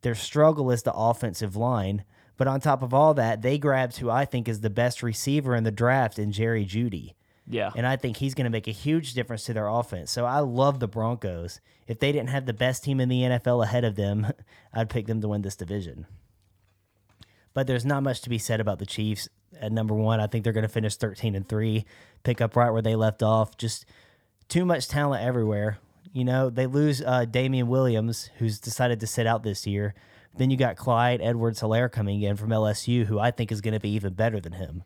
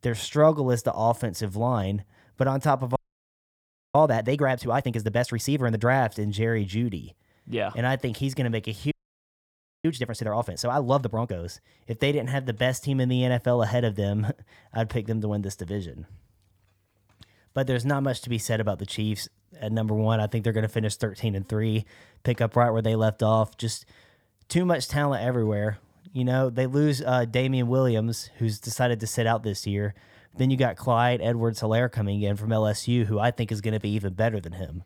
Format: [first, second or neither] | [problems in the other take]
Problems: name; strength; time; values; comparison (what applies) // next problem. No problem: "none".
first | audio freezing; at 3 s for 1 s and at 9 s for 1 s